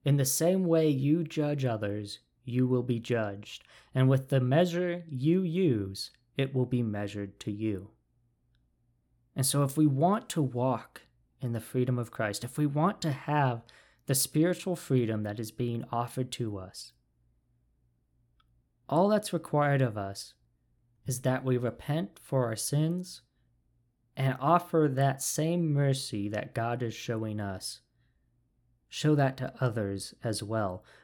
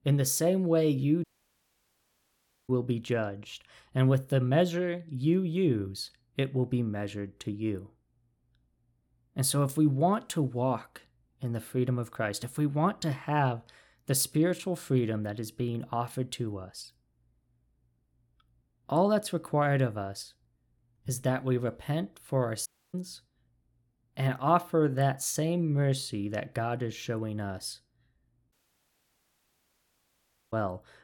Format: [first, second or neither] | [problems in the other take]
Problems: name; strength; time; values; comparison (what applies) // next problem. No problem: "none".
first | audio cutting out; at 1 s for 1.5 s, at 23 s and at 29 s for 2 s